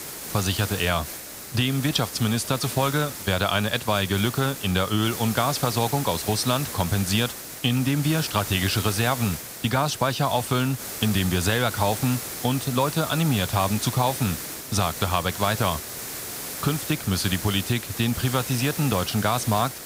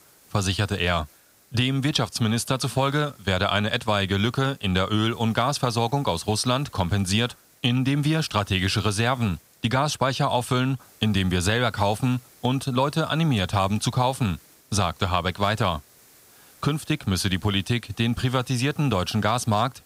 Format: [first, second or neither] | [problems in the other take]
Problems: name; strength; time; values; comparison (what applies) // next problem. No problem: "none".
second | hiss; loud; throughout; 8 dB below the speech; faint in the second